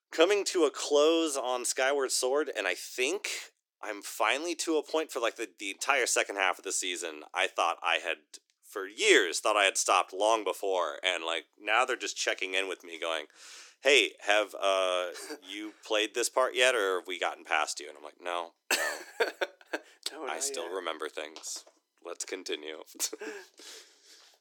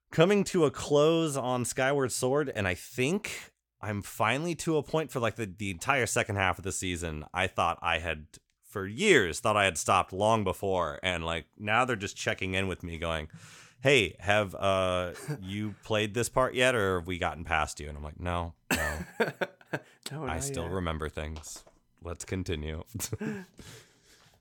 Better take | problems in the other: second | thin; very; fading below 300 Hz

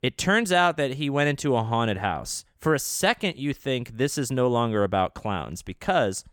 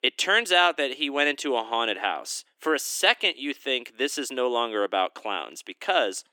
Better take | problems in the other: first | thin; somewhat; fading below 300 Hz

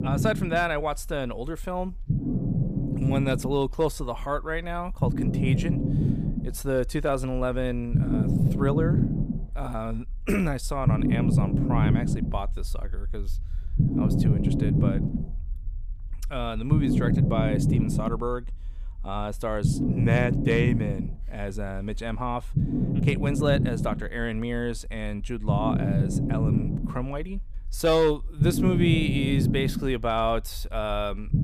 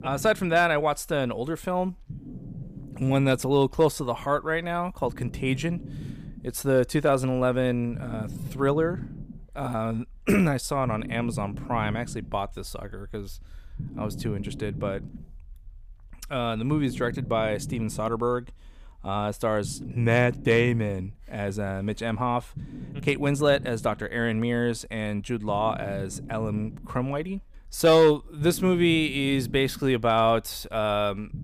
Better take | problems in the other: second | low rumble; loud; throughout; 4 dB below the speech; faint in the second

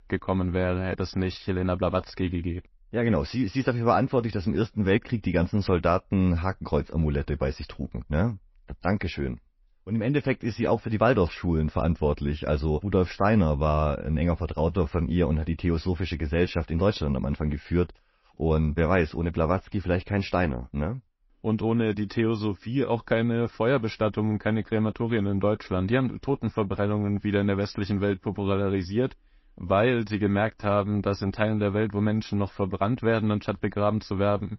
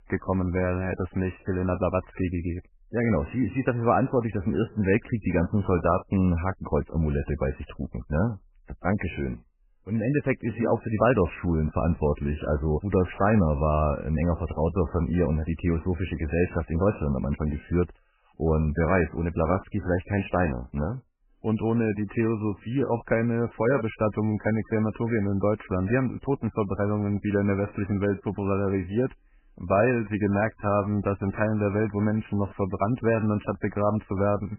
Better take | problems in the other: first | garbled, watery; badly; nothing above 2.5 kHz; slightly in the first

